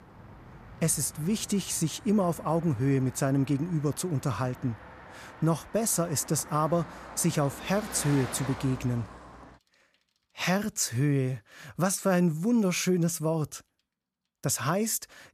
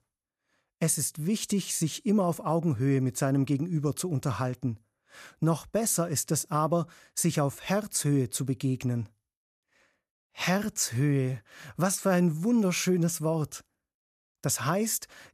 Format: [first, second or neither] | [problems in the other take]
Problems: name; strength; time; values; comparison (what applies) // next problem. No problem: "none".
second | traffic noise; noticeable; throughout; 15 dB below the speech